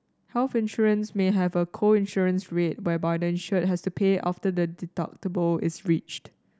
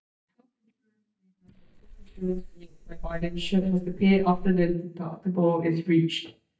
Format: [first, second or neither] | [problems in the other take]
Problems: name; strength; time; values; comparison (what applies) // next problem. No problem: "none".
first | noise reduction (neural mask model DeepFilterNet 3)